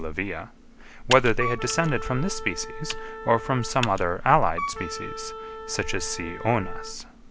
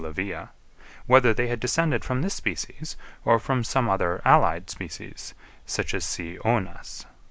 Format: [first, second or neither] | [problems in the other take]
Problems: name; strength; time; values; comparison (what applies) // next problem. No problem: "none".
second | background sound (Wind instrument, woodwind instrument + Computer keyboard); 10 dB below the speech